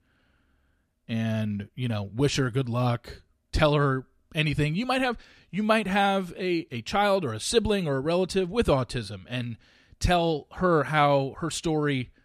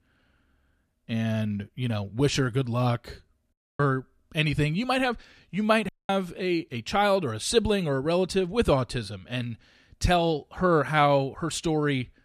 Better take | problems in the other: first | audio cutting out; at 3.5 s and at 6 s

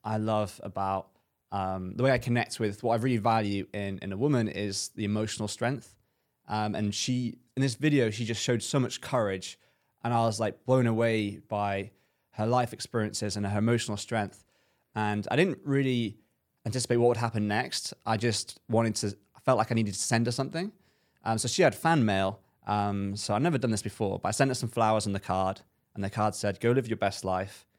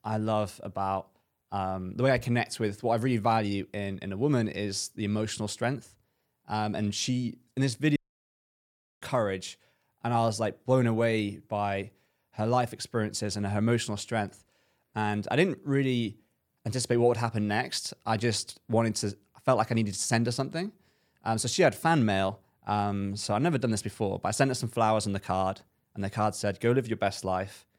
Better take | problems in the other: first | audio cutting out; at 8 s for 1 s

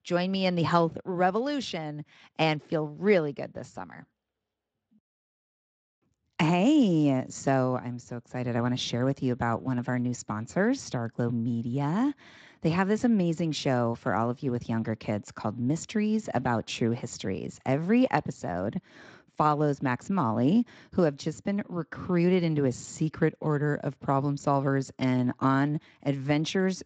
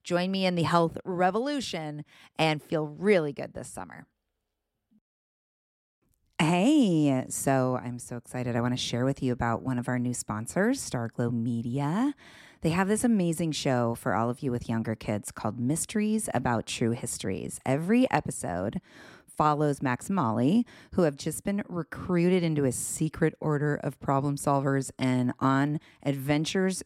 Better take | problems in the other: second | garbled, watery; slightly; nothing above 7.5 kHz

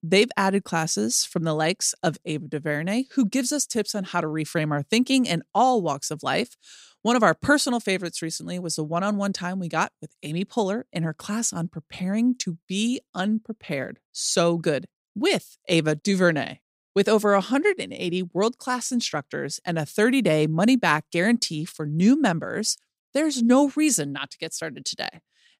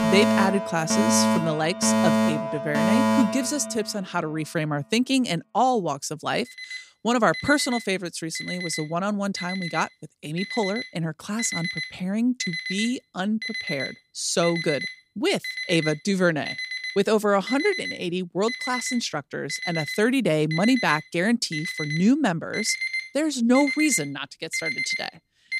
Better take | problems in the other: first | alarms or sirens; loud; throughout; 3 dB below the speech

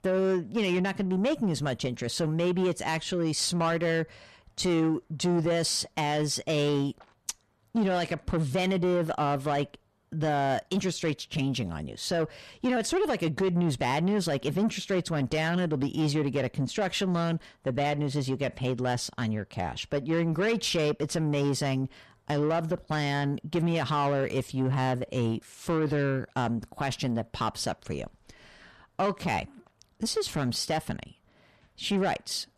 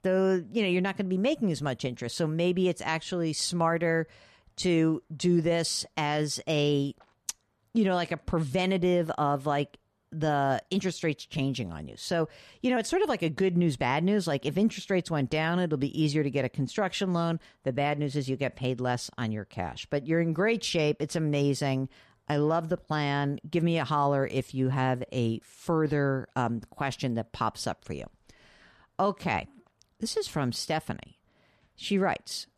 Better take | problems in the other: second | distortion; slight; 10 dB below the speech

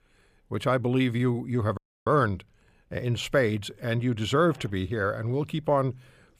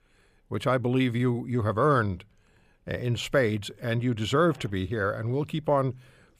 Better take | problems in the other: second | audio freezing; at 2 s

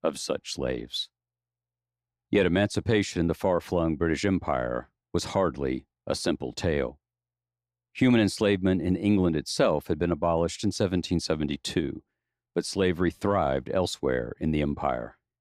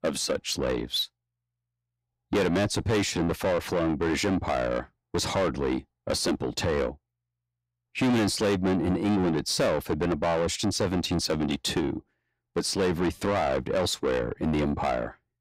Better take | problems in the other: first | distortion; heavy; 6 dB below the speech

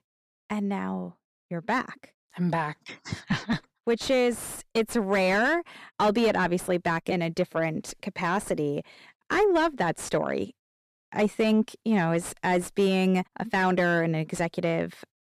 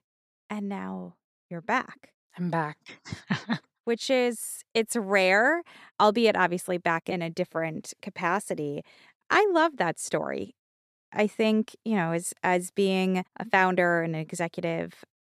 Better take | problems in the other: second | distortion; heavy; 8 dB below the speech

